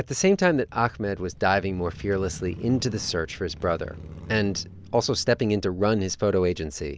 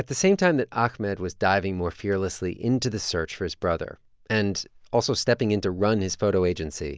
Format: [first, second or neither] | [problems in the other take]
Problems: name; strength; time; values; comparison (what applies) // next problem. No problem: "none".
second | background sound (Motorcycle); 17 dB below the speech